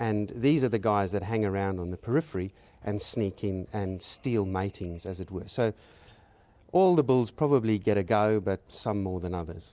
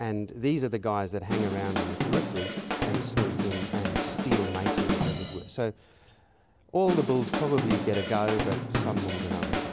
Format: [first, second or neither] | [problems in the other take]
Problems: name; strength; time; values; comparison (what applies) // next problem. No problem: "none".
first | background sound (Drum kit); 1 dB below the speech